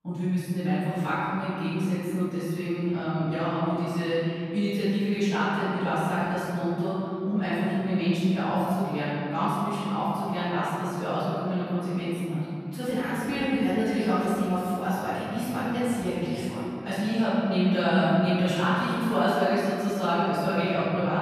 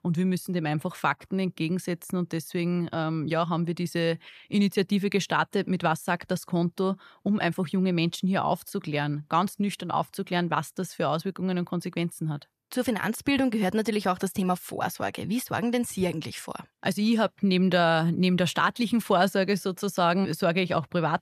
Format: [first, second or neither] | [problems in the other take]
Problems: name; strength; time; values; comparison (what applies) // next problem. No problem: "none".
second | off-mic speech; far // room echo; strong; dies away in 2.5 s